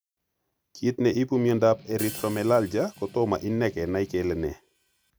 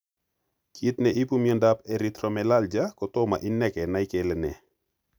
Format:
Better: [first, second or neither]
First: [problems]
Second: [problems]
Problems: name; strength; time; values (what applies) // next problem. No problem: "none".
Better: second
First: background sound (Strum + Hi-hat); 18 dB below the speech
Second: none